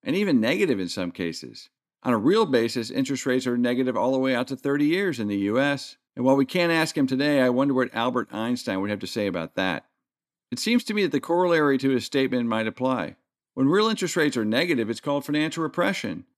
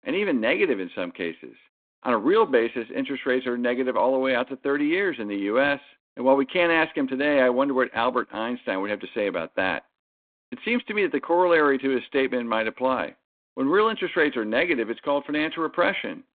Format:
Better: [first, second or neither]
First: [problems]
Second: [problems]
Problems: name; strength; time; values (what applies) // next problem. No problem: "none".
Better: first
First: none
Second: phone-call audio; nothing above 3.5 kHz